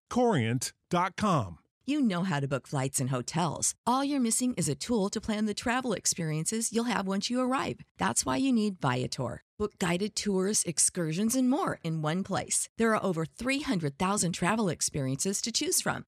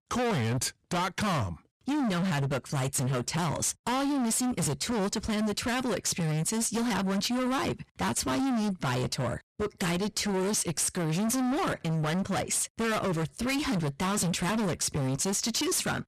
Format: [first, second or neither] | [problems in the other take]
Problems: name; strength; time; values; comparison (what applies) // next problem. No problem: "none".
first | distortion; heavy; 39% of the sound clipped